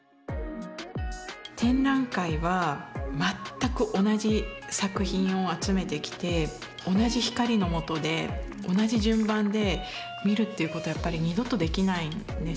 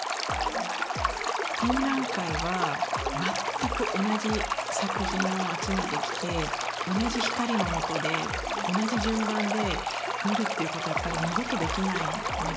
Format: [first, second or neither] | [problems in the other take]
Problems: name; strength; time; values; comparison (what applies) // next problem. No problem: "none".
first | background sound (Stream); 1 dB above the speech